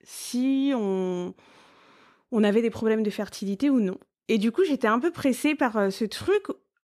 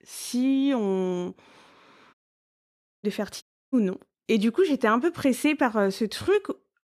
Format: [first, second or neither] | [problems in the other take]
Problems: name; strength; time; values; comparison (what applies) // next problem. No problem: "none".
first | audio cutting out; at 2 s for 1 s and at 3.5 s